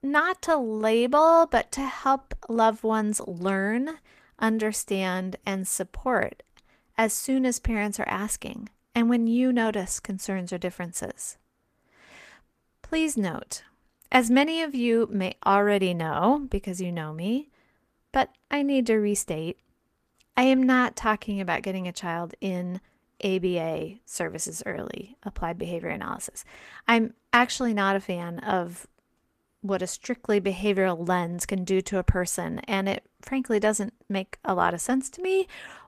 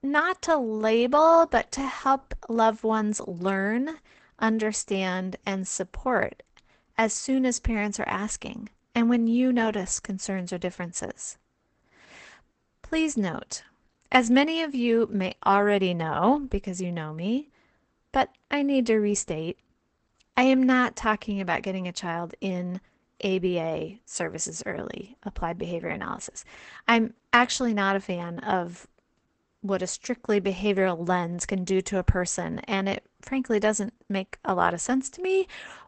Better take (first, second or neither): first